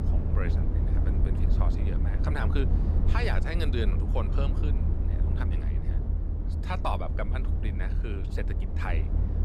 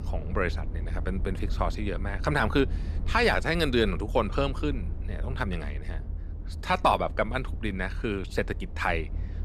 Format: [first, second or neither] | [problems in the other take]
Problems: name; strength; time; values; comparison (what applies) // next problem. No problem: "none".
second | low rumble; loud; throughout; 5 dB below the speech; faint in the second